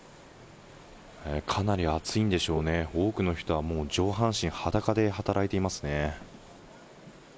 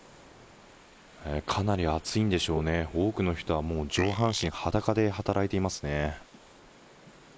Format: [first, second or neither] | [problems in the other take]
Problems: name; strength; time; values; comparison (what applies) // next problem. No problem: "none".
first | noise reduction (neural mask model Resemble Enhance denoiser)